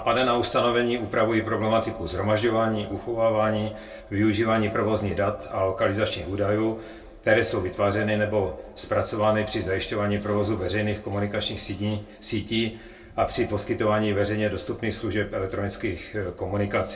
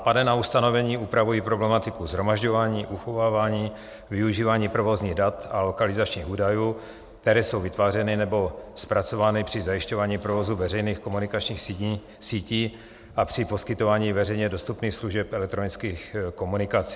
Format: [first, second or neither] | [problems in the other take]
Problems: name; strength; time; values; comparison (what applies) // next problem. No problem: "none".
second | room echo; dies away in 0.2 s